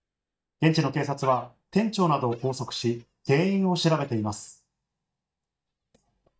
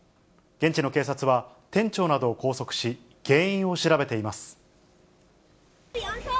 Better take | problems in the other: second | noise reduction (neural mask model DeepFilterNet 3)

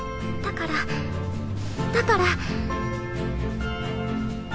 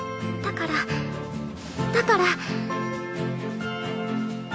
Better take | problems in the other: second | background sound (Mechanisms / Bicycle); 4 dB below the speech

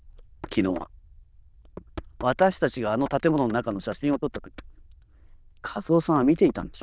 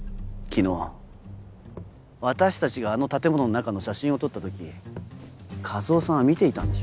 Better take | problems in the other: second | noise reduction (neural diffusion model UNIVERSE++)

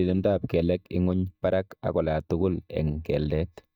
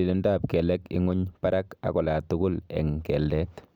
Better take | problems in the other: second | noise reduction (neural mask model DeepFilterNet 3)

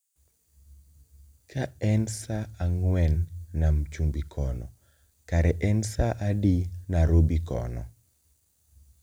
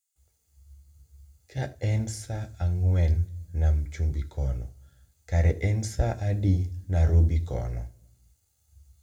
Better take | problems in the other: first | room echo; dies away in 0.3 s

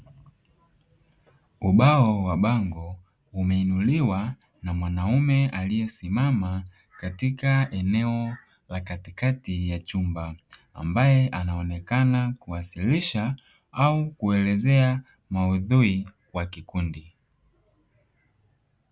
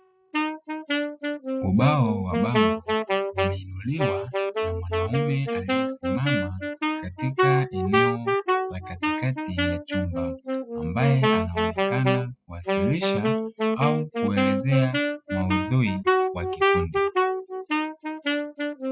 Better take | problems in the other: first | noise reduction (classical method spectral subtraction)

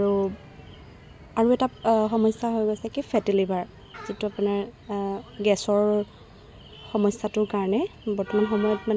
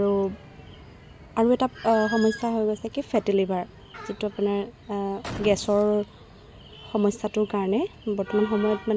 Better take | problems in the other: first | background sound (Boom + Squeak); 12 dB below the speech

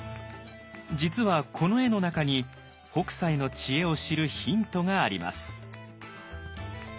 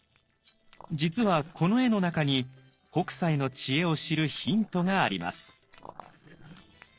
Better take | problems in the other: first | noise reduction (neural separator model SepFormer DNS4)

